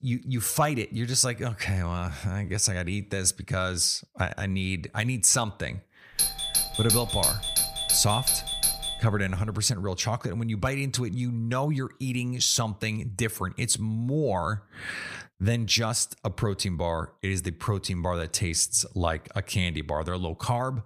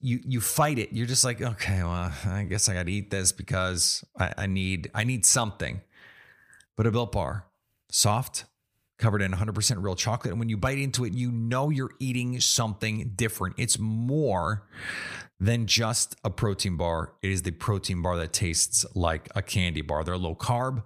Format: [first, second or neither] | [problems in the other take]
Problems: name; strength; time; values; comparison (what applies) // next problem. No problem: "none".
second | doorbell; loud; from 6 to 9.5 s; peak 5 dB above the speech